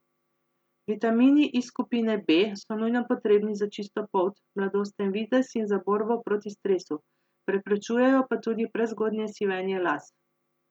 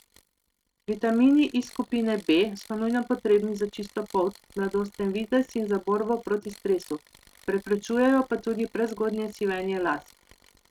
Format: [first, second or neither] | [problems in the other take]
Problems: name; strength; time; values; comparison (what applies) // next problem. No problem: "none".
first | noise reduction (neural mask model RNNoise)